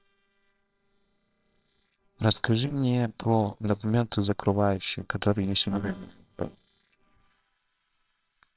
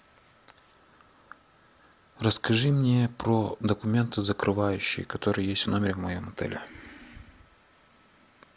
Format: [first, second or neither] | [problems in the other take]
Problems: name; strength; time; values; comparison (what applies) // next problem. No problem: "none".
second | noise reduction (neural separator model SepFormer WHAMR!)